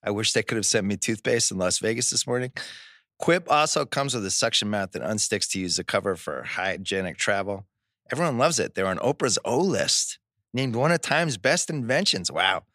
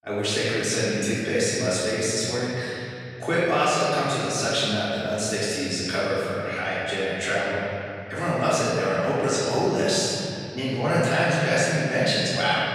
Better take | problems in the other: first | room echo; strong; dies away in 3 s // off-mic speech; far

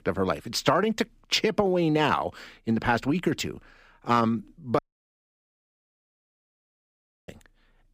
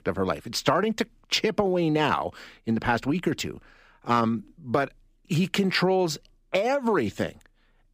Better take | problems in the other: second | audio cutting out; at 5 s for 2.5 s

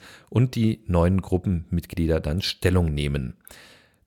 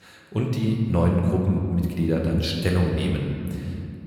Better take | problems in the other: first | room echo; noticeable; dies away in 2.6 s // off-mic speech; somewhat distant

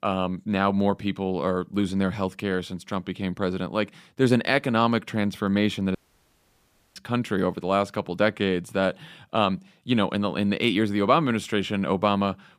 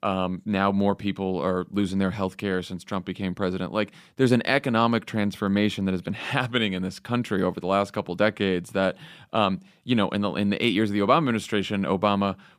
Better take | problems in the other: second | audio cutting out; at 6 s for 1 s

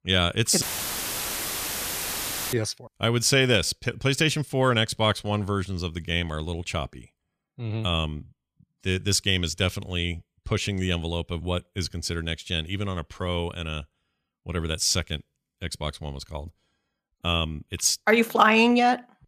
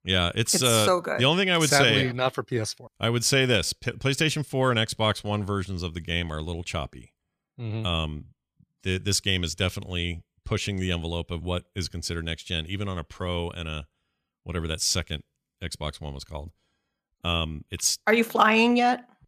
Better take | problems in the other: second | audio cutting out; filled with static; at 0.5 s for 2 s

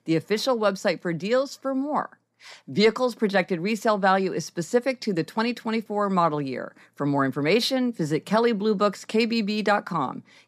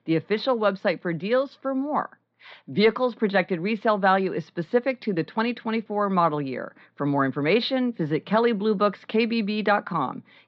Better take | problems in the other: first | muffled; very slightly; fading above 4 kHz

